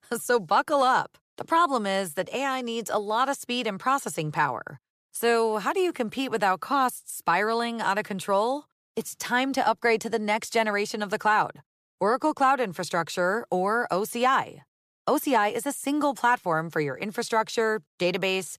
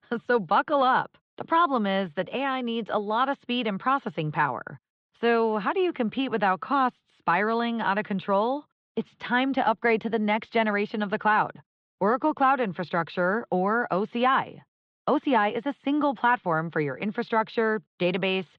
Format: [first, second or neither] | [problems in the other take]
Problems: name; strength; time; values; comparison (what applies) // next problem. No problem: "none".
first | muffled; slightly; fading above 3.5 kHz